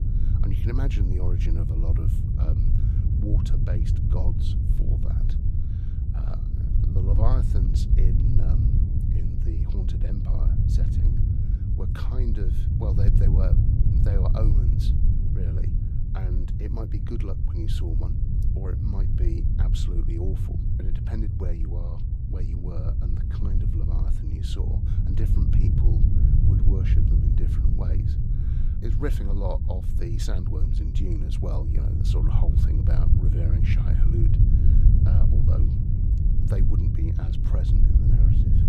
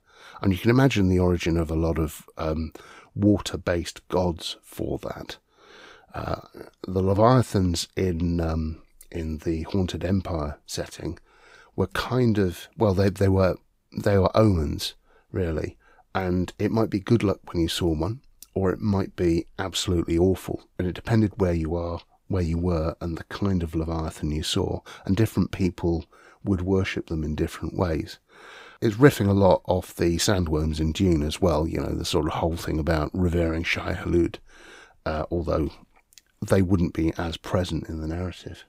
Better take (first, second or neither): second